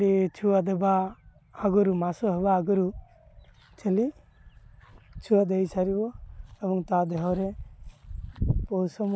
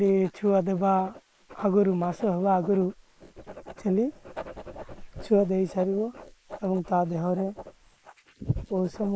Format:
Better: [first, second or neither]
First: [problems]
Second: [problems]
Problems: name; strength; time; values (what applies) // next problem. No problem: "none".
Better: first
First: none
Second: noise reduction (neural mask model Resemble Enhance denoiser)